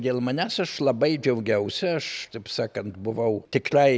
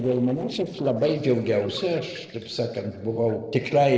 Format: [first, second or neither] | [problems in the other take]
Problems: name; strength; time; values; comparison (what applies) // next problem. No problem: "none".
first | noise reduction (neural separator model SepFormer DNS4)